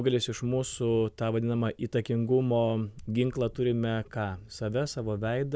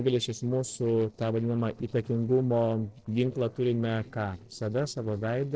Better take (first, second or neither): first